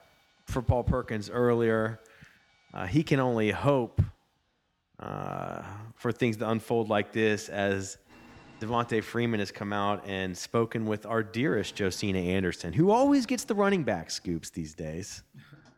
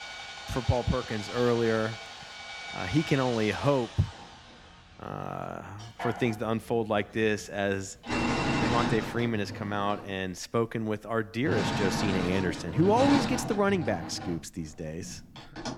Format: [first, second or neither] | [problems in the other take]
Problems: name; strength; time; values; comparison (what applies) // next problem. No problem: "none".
first | machinery noise; loud; throughout; 4 dB below the speech; faint in the first